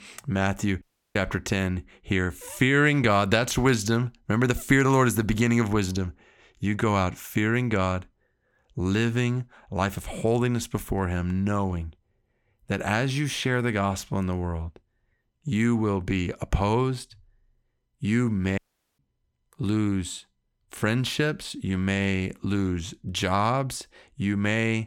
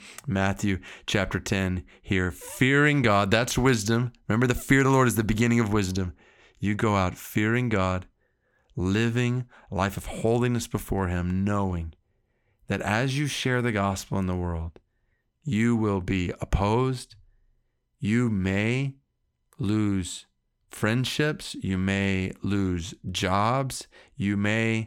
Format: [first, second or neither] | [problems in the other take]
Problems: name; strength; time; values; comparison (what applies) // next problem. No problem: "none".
second | audio cutting out; at 1 s and at 19 s